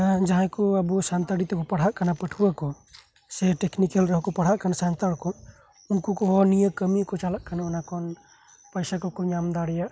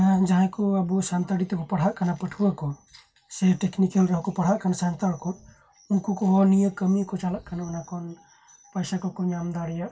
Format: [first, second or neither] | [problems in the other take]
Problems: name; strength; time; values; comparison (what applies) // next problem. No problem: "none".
first | room echo; dies away in 0.1 s